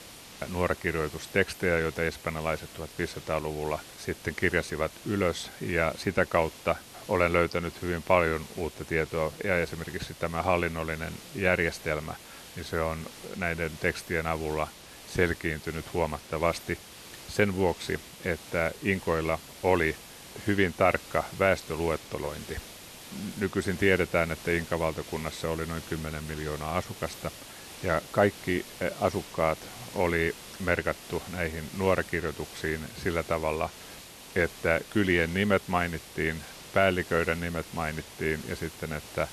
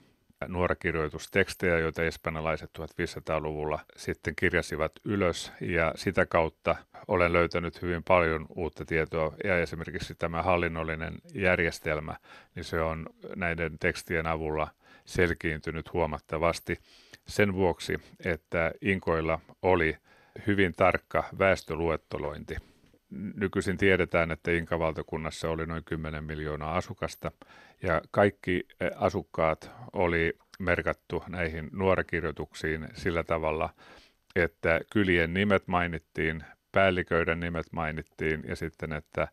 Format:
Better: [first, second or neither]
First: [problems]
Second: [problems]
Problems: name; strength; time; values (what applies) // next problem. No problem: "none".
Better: second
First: hiss; noticeable; throughout; 15 dB below the speech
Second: none